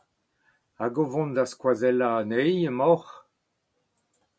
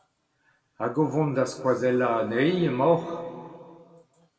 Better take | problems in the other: first | room echo; dies away in 2.1 s

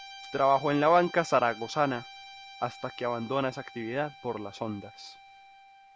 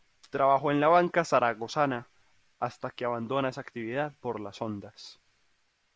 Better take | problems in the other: second | background sound (Guitar); 18 dB below the speech

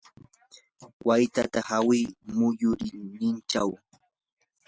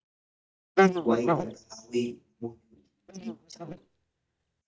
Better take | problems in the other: first | noise reduction (neural mask model DeepFilterNet 3)

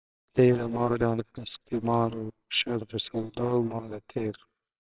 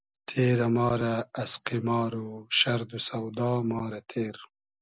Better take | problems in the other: second | noise reduction (neural separator model SepFormer WHAMR!)

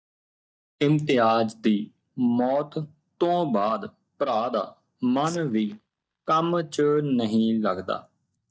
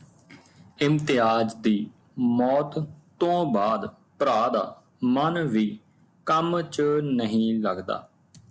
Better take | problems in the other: second | noise reduction (neural mask model DeepFilterNet 3)

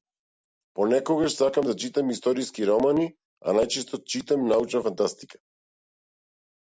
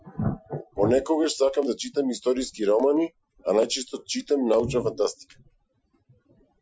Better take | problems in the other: first | noise reduction (classical method Wiener filter)

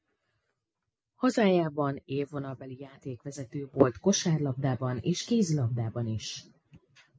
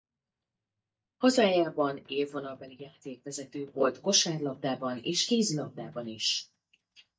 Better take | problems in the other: first | noise reduction (neural mask model DeepFilterNet 3)

